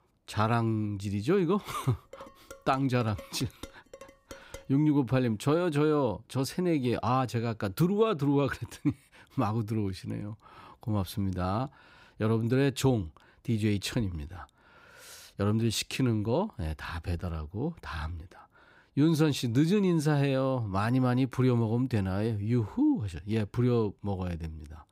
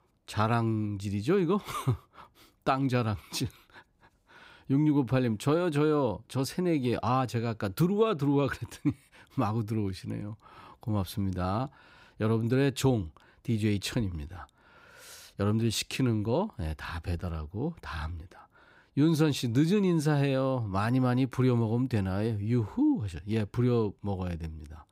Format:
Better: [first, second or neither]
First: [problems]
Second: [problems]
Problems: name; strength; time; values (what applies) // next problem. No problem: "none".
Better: second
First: clattering dishes; faint; from 2 to 4.5 s; peak 20 dB below the speech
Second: none